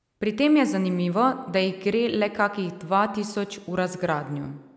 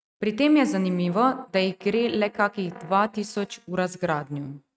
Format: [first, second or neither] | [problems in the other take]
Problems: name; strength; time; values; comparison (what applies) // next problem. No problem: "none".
first | noise reduction (neural mask model RNNoise)